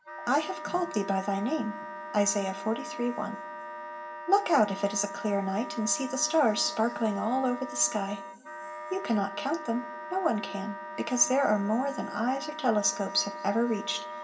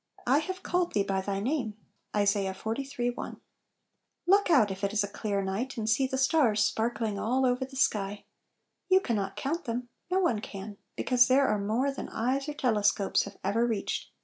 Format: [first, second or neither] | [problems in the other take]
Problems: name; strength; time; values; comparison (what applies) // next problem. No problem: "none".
second | background sound (Wind instrument, woodwind instrument); 10 dB below the speech // room echo; dies away in 1.6 s